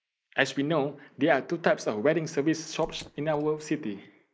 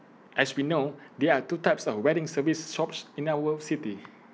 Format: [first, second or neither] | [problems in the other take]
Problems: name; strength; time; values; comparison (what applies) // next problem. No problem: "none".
second | noise reduction (neural mask model Resemble Enhance denoiser)